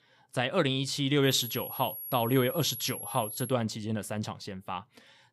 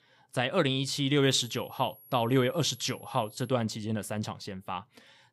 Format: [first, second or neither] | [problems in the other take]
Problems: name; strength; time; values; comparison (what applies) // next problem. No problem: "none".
second | high-pitched whine; loud; from 1.5 to 3.5 s; 11.5 kHz, 8 dB below the speech; faint in the second